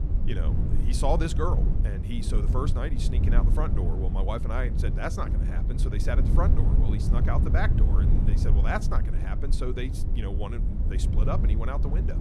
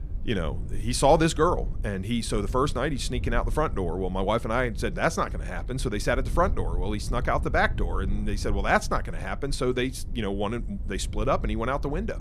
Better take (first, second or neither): second